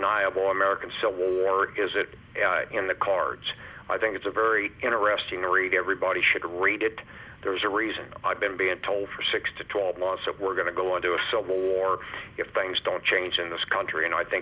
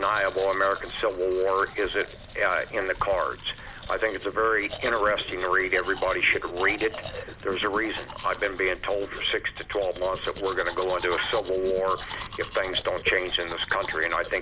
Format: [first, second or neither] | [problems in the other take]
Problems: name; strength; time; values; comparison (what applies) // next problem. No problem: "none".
first | background sound (Domestic sounds, home sounds); 14 dB below the speech